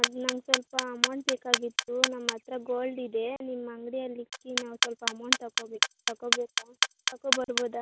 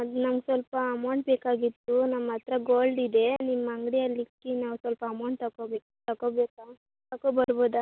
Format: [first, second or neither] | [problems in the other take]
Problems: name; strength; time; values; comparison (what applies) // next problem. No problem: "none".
second | background sound (Clock); 4 dB above the speech